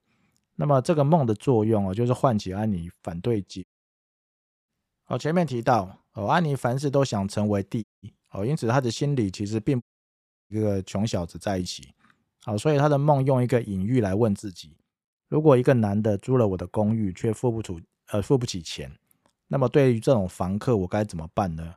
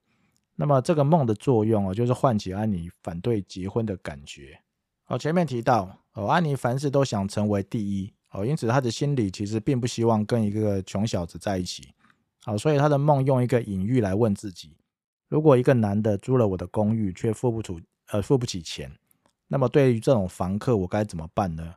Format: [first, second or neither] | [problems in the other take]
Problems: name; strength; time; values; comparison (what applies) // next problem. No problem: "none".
second | audio cutting out; at 3.5 s for 1 s, at 8 s and at 10 s for 0.5 s